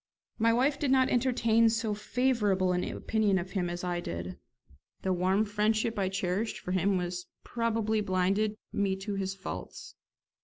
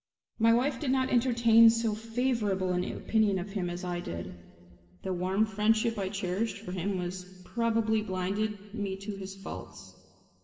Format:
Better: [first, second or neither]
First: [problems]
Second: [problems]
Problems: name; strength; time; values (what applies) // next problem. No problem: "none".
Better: first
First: none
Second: room echo; dies away in 2 s